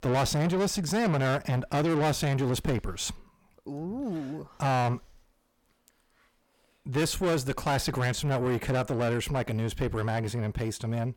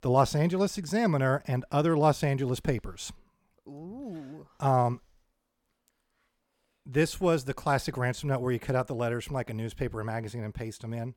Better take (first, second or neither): second